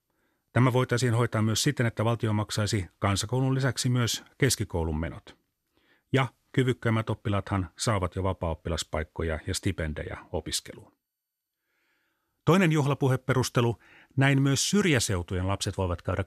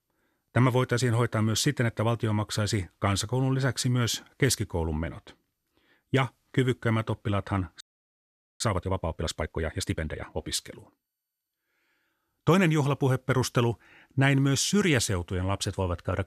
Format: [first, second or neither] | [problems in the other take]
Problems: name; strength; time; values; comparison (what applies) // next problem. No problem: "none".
first | audio freezing; at 8 s for 1 s